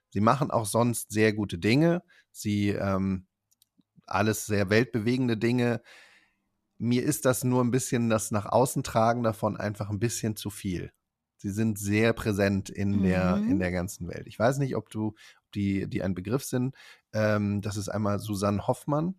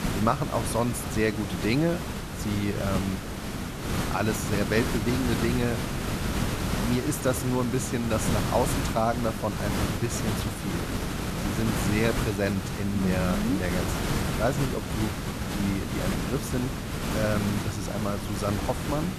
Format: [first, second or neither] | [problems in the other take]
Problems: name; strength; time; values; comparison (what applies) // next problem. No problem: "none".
first | hiss; loud; throughout; 1 dB below the speech